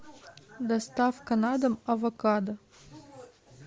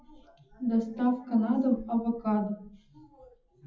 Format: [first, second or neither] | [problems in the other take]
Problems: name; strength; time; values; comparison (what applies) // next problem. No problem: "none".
first | noise reduction (classical method WPE with log-MMSE)